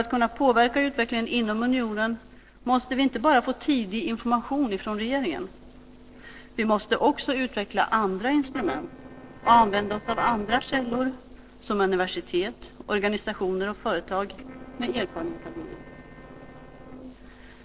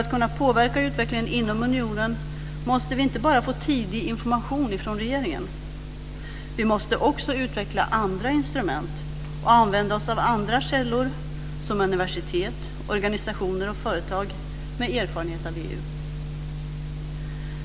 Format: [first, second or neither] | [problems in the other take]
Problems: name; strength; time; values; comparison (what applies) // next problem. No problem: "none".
second | noise reduction (neural separator model SepFormer DNS4)